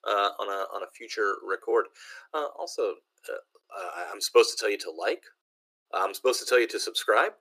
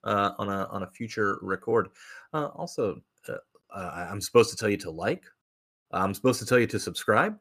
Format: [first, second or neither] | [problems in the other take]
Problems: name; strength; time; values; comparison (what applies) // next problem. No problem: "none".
second | thin; very; fading below 350 Hz